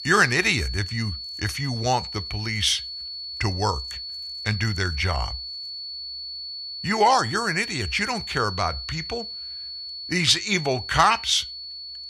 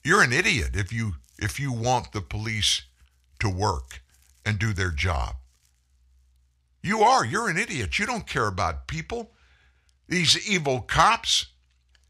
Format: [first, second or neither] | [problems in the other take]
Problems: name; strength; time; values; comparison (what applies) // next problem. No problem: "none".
second | high-pitched whine; loud; throughout; 4.5 kHz, 8 dB below the speech